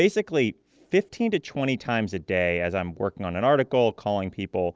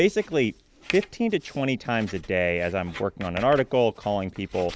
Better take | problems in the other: first | background sound (Writing); 17 dB below the speech

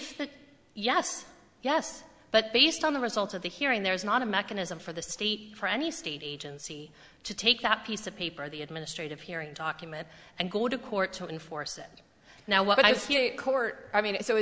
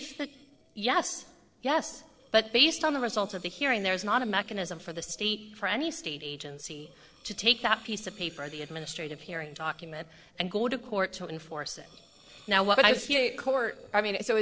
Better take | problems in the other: first | noise reduction (neural separator model SepFormer DNS4)

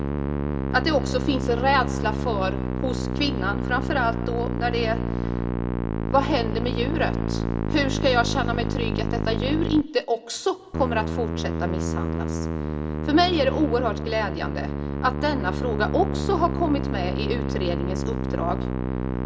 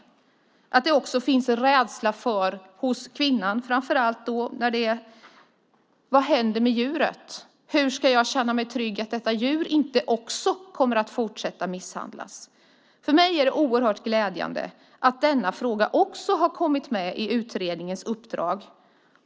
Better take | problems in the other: second | background sound (Musical instrument); as loud as the speech // room echo; dies away in 1.1 s

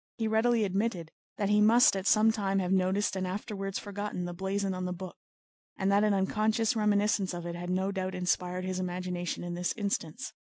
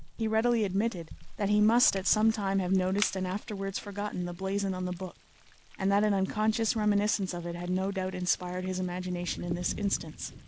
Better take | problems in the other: first | background sound (Crushing + Thunder); 16 dB below the speech

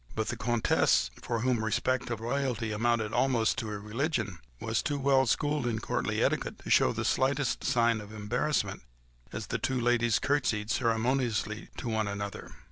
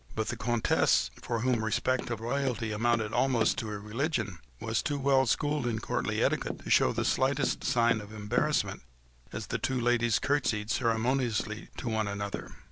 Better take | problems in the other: first | background sound (Tap); 13 dB below the speech

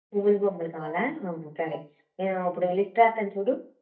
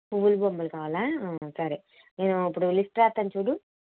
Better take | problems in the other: second | noise reduction (neural mask model DeepFilterNet 3)

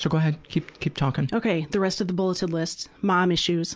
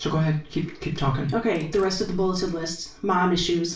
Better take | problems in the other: first | background sound (Fire); 20 dB below the speech // room echo; dies away in 0.3 s

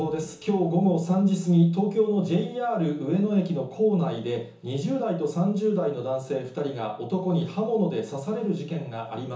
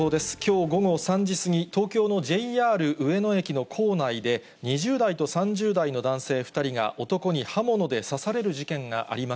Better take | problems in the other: second | room echo; dies away in 0.7 s

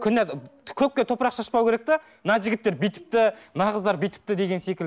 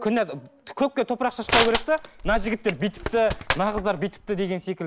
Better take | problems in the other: first | background sound (Crushing); 4 dB below the speech

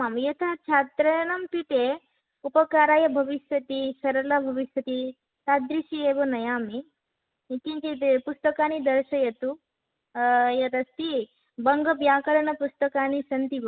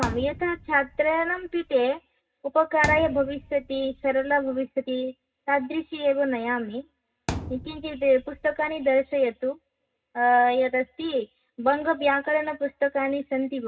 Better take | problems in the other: first | background sound (Thump, thud); 12 dB below the speech // room echo; dies away in 0.2 s

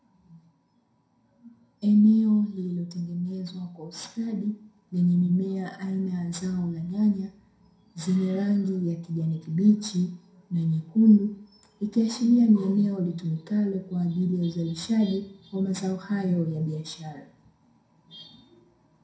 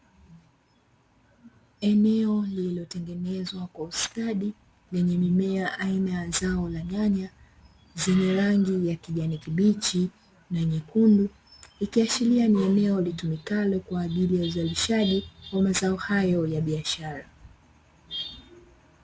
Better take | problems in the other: second | room echo; dies away in 0.4 s

